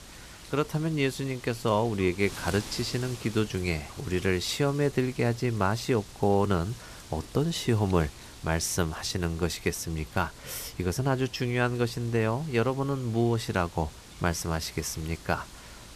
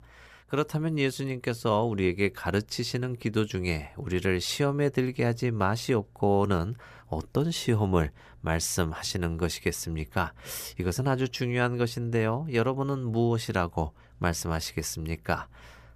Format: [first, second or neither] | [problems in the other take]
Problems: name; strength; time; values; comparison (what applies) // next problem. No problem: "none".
second | wind noise on the microphone; occasional gusts; 15 dB below the speech